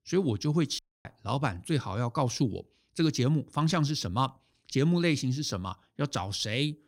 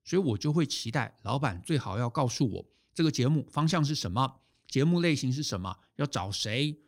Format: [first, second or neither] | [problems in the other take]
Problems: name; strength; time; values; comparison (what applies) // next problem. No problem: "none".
second | audio cutting out; at 1 s